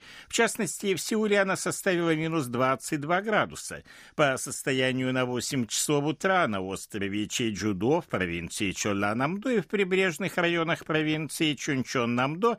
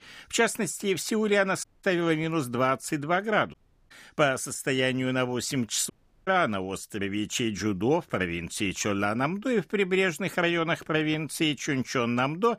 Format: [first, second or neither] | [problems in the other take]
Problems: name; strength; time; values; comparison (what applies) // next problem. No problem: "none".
first | audio cutting out; at 1.5 s, at 3.5 s and at 6 s